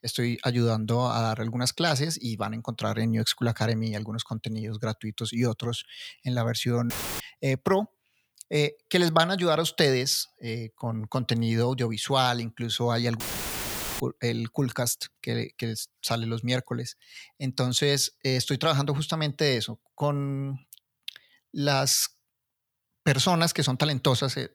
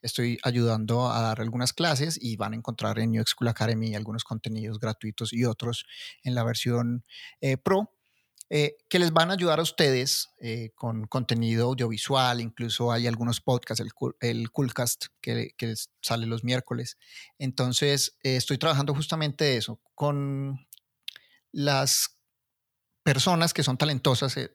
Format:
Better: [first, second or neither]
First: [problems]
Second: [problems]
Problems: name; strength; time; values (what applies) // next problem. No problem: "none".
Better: second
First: audio cutting out; filled with static; at 7 s and at 13 s for 1 s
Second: none